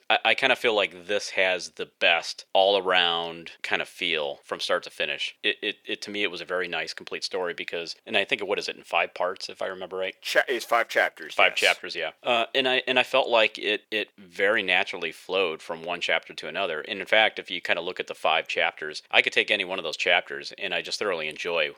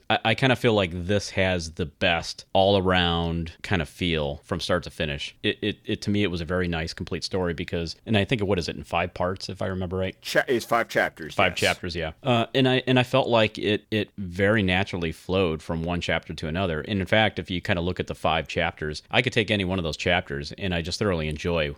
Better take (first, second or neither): second